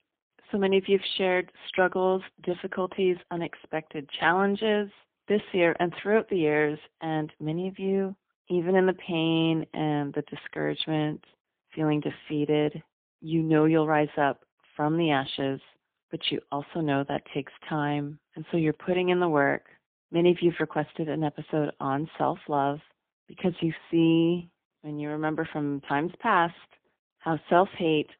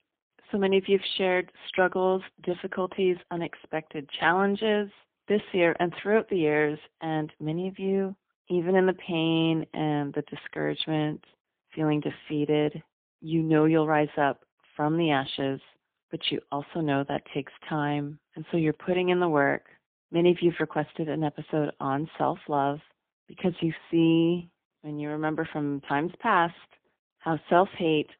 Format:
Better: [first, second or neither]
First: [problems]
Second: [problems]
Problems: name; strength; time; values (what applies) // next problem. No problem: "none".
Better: neither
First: phone-call audio; poor line; nothing above 4 kHz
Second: phone-call audio; poor line; nothing above 4 kHz